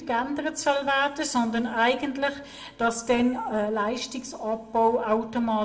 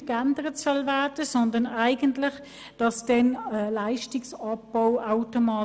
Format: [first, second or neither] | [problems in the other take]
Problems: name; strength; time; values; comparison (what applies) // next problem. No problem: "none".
second | room echo; dies away in 0.5 s